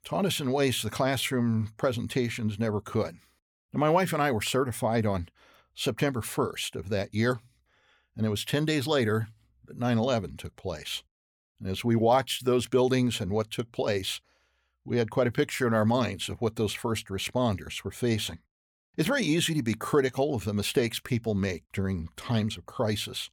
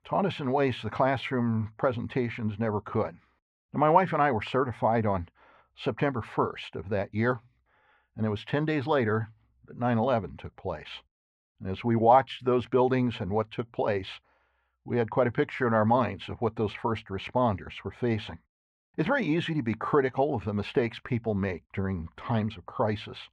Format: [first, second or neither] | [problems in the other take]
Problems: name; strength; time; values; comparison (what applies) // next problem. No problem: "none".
first | muffled; very; fading above 2 kHz